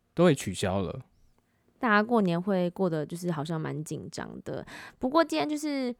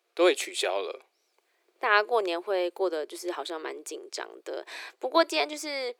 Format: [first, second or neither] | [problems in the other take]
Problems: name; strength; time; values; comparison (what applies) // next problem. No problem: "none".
first | thin; very; fading below 350 Hz